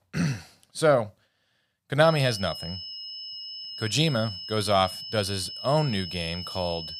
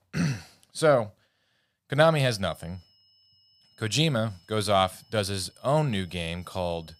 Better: second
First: high-pitched whine; loud; from 2 s on; 5 kHz, 9 dB below the speech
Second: high-pitched whine; faint; from 2 s on; 5 kHz, 35 dB below the speech

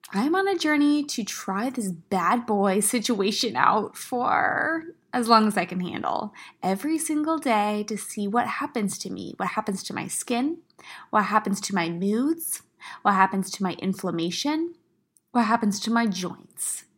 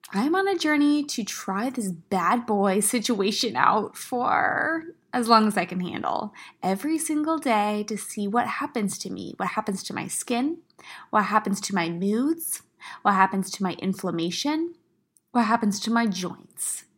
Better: neither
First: none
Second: none

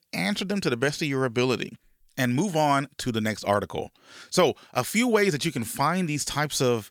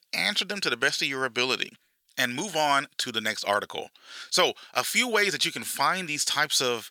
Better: first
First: none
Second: thin; somewhat; fading below 800 Hz

